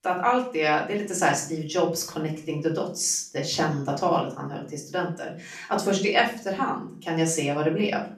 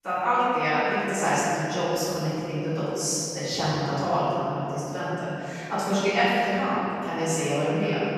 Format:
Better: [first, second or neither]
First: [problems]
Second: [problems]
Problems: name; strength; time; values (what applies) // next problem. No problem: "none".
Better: first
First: room echo; slight; dies away in 0.4 s // off-mic speech; far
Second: room echo; strong; dies away in 3 s // off-mic speech; far